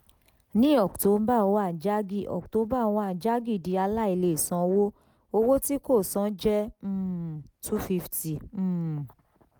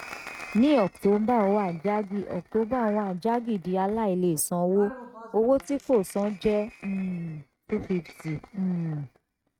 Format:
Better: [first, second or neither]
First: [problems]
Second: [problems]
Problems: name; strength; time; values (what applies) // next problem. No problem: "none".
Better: first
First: none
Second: noise reduction (neural mask model RNNoise)